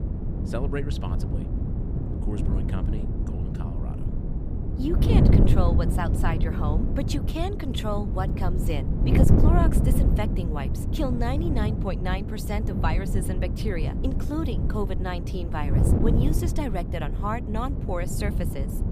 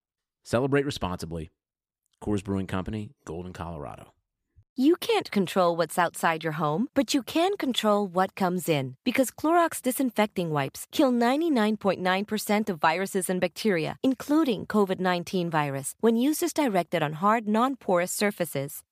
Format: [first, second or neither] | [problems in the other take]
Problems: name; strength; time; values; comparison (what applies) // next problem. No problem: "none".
second | wind noise on the microphone; heavy; 3 dB below the speech